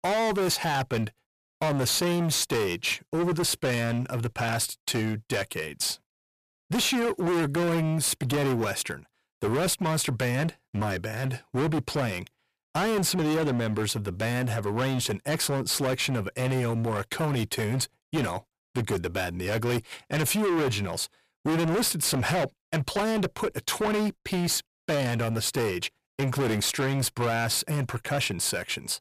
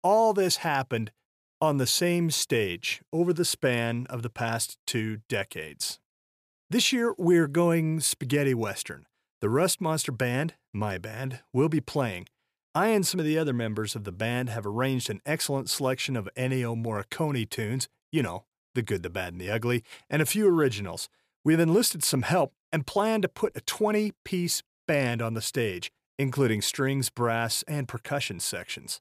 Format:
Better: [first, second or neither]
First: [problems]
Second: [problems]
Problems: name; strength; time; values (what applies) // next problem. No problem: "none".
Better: second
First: distortion; heavy; 24% of the sound clipped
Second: none